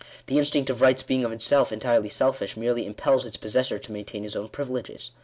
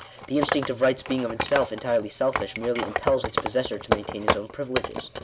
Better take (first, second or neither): first